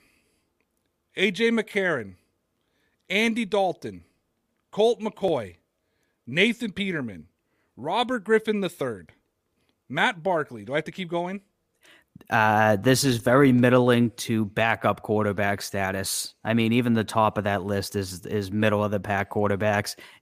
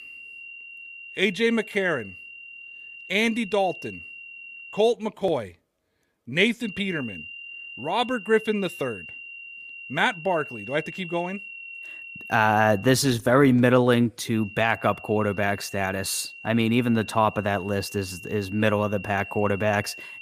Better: first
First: none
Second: high-pitched whine; noticeable; until 5 s, from 6.5 to 13 s and from 14 s on; 2.5 kHz, 15 dB below the speech

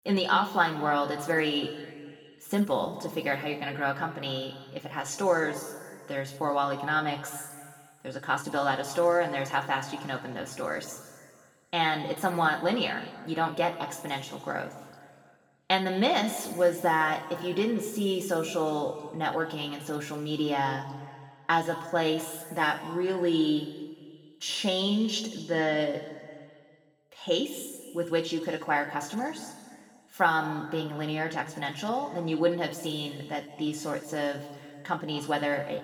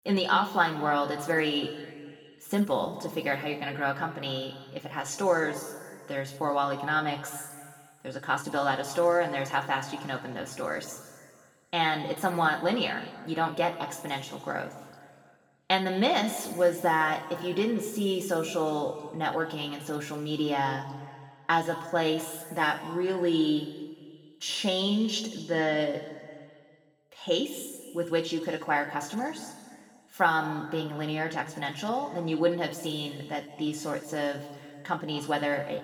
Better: neither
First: room echo; noticeable; dies away in 1.7 s // off-mic speech; far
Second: room echo; noticeable; dies away in 1.7 s // off-mic speech; far

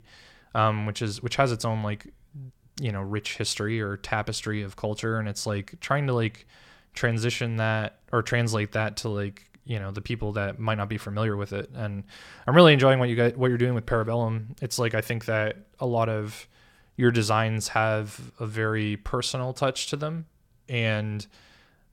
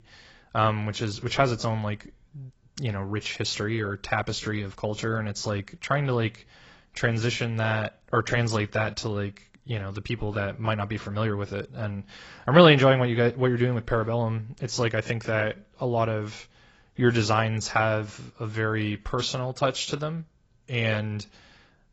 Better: first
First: none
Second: garbled, watery; badly; nothing above 7.5 kHz

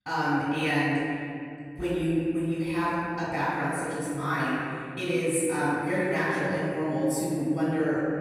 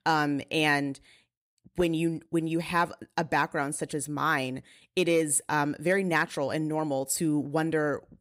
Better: second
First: off-mic speech; far // room echo; strong; dies away in 2.5 s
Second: none

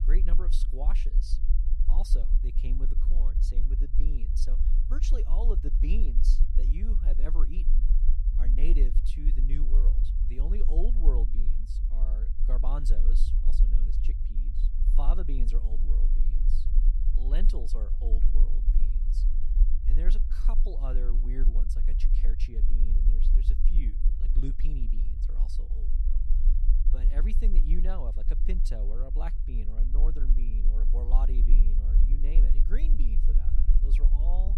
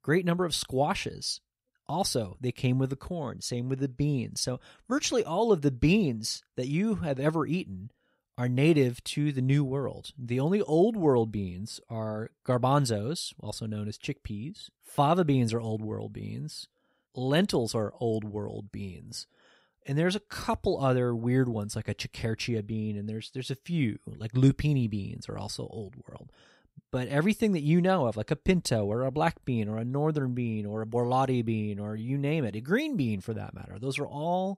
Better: second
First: low rumble; loud; throughout; 6 dB below the speech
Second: none

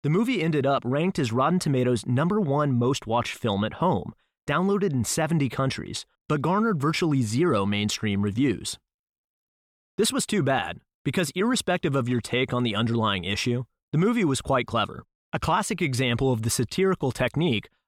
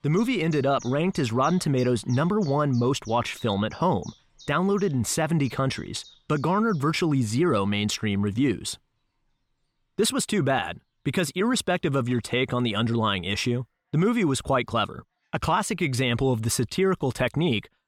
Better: first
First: none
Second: animal sounds; faint; throughout; 25 dB below the speech

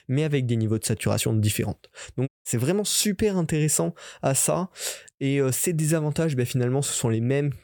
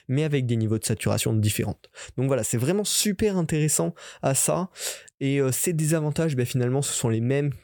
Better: second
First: audio cutting out; at 2.5 s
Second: none

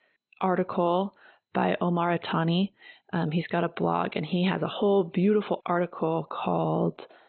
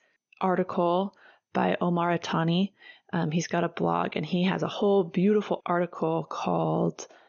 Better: second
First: garbled, watery; badly; nothing above 4 kHz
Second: garbled, watery; slightly; nothing above 6.5 kHz

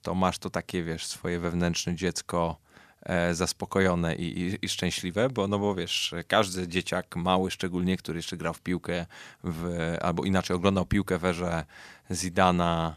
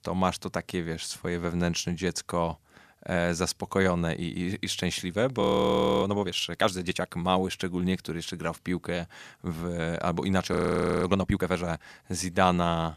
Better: first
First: none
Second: audio freezing; at 5.5 s for 0.5 s and at 11 s for 0.5 s

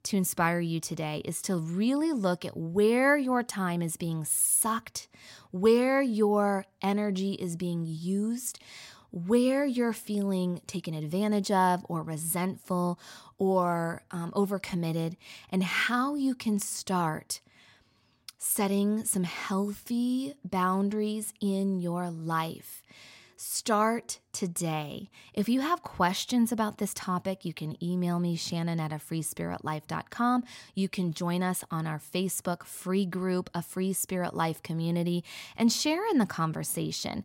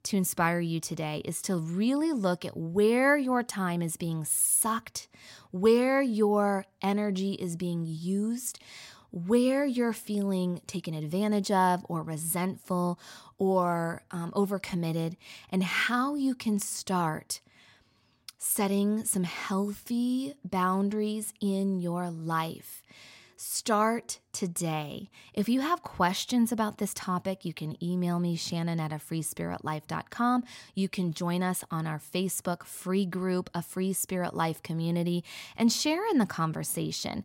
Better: neither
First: none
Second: none

